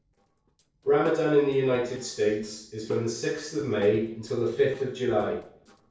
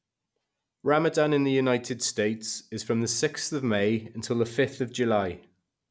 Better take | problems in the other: second | noise reduction (neural separator model SepFormer DNS4)

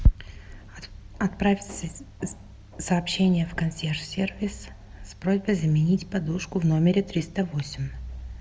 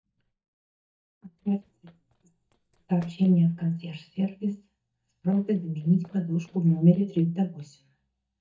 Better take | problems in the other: first | noise reduction (neural mask model DeepFilterNet 3)

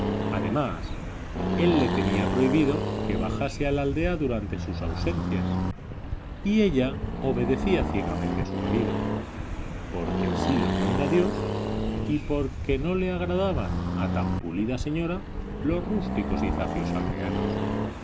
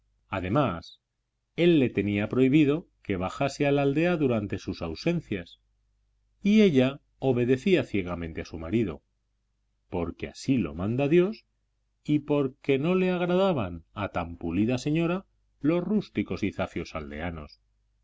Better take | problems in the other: second | background sound (Accelerating, revving, vroom); as loud as the speech

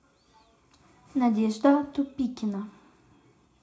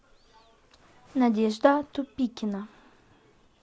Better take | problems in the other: second | room echo; dies away in 0.3 s

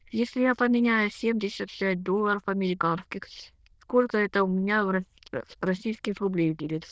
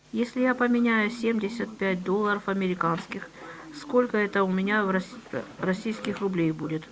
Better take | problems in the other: second | noise reduction (neural diffusion model UNIVERSE++)

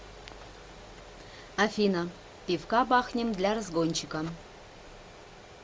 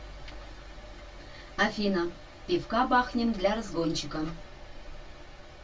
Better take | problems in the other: first | room echo; dies away in 0.1 s

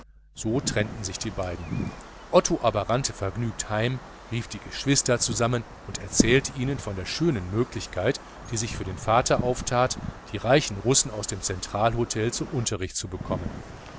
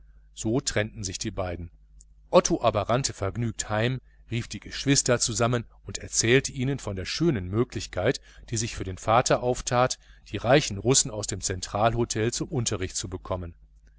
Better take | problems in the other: second | background sound (Wind); 10 dB below the speech

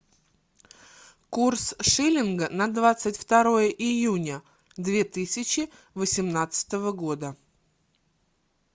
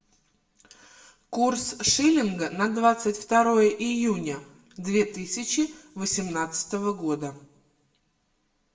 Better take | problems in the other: first | room echo; dies away in 0.5 s

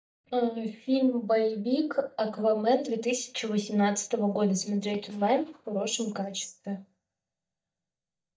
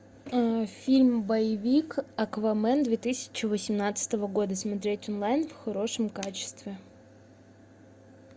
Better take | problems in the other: second | noise reduction (neural mask model DeepFilterNet 3)

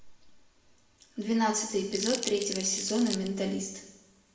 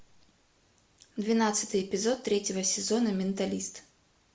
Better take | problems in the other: second | background sound (Crumpling, crinkling); 7 dB below the speech // room echo; dies away in 0.9 s

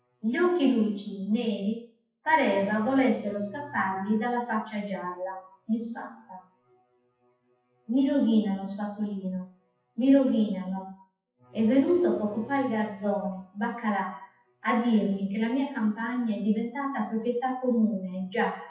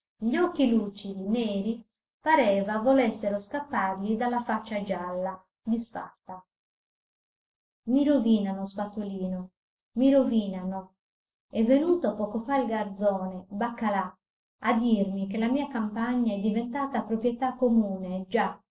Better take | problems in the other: second | noise reduction (classical method WPE with log-MMSE)

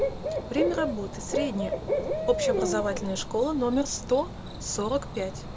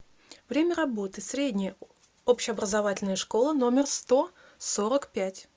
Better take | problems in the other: second | background sound (Cricket / Bird); 2 dB below the speech

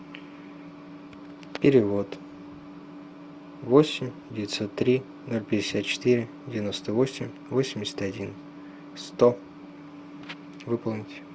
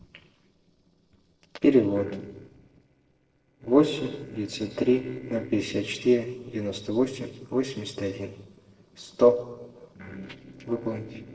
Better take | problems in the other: first | noise reduction (neural separator model SepFormer DNS4)

